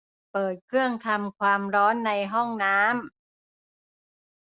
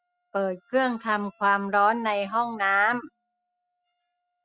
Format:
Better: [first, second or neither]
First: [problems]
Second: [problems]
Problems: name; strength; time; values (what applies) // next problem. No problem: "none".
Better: first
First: none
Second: noise reduction (classical method spectral subtraction)